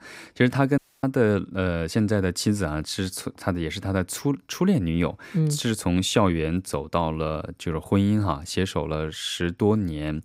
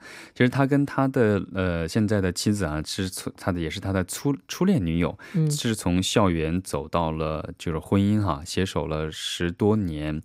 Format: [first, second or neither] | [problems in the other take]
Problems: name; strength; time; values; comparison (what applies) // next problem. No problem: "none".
second | audio cutting out; at 1 s